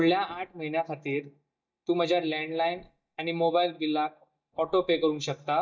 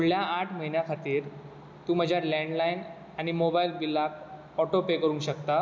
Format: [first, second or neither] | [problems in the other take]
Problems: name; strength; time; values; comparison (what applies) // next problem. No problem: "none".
second | noise reduction (neural mask model DeepFilterNet 3)